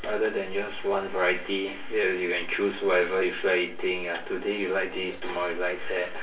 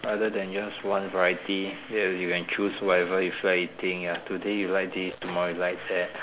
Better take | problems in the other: second | room echo; dies away in 0.3 s

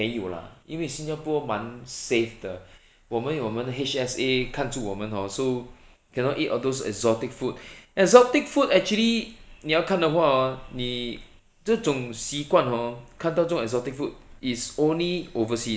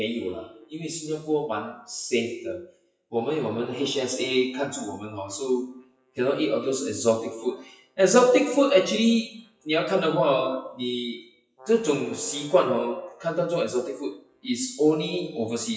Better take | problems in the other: first | noise reduction (classical method WPE with log-MMSE)

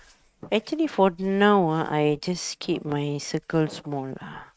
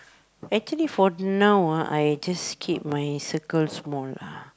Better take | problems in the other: second | noise reduction (neural mask model RNNoise)

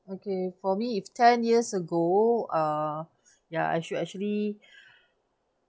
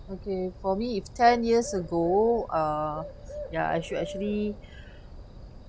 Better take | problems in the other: first | background sound (Bird); 13 dB below the speech

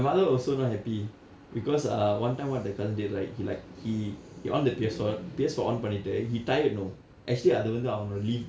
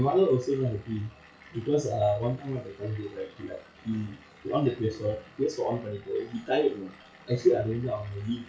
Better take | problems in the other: first | noise reduction (classical method log-MMSE)

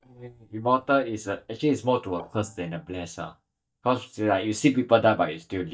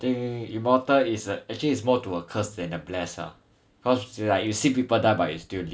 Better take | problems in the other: second | noise reduction (neural mask model DeepFilterNet 3)

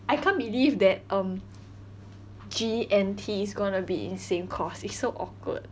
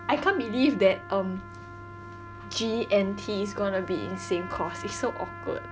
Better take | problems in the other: first | background sound (Trumpet); 14 dB below the speech

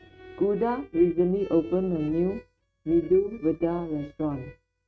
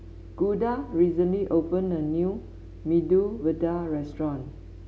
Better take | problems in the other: second | noise reduction (neural mask model RNNoise)

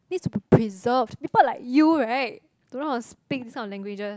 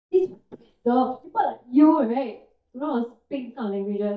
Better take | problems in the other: first | noise reduction (neural mask model DeepFilterNet 3)

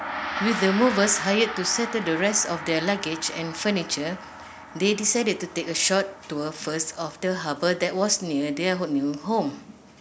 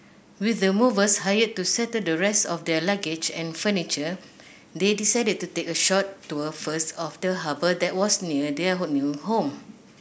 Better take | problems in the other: second | background sound (Gong); 11 dB below the speech

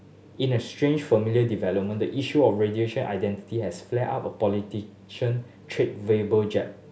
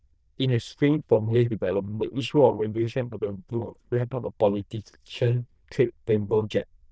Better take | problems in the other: first | noise reduction (neural diffusion model UNIVERSE++)

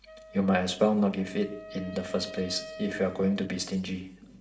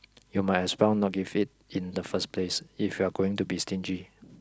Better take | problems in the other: second | background sound (Wind instrument, woodwind instrument); 16 dB below the speech // room echo; dies away in 0.7 s

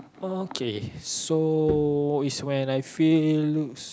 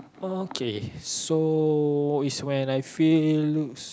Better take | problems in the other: second | background sound (Bowed string instrument); 15 dB below the speech

